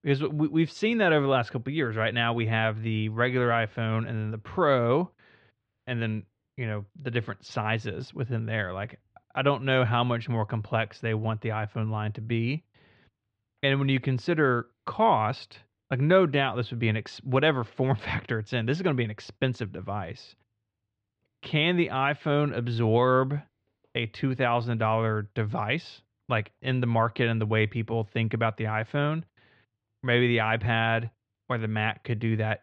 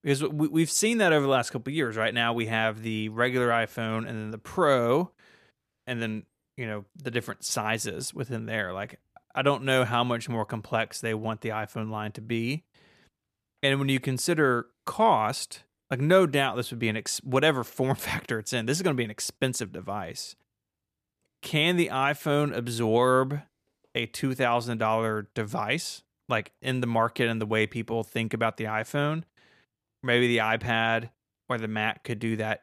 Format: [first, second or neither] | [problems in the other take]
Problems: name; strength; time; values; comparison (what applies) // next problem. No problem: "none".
second | muffled; slightly; fading above 4 kHz